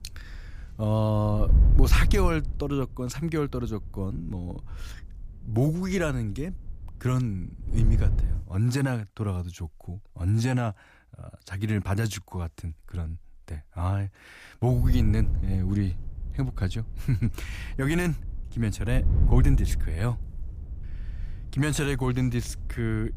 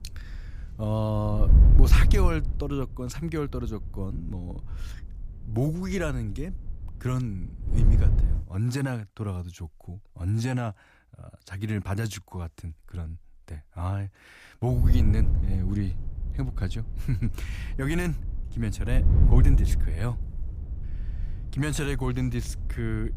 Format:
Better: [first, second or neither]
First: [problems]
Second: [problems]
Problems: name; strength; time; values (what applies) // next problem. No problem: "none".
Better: first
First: wind noise on the microphone; occasional gusts; until 8.5 s and from 15 s on; 15 dB below the speech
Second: wind noise on the microphone; heavy; until 8.5 s and from 15 s on; 8 dB below the speech